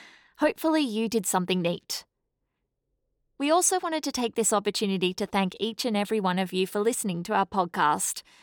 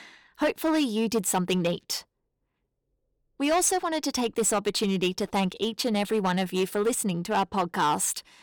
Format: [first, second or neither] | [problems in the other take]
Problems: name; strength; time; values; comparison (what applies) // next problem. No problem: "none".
first | distortion; slight; 6% of the sound clipped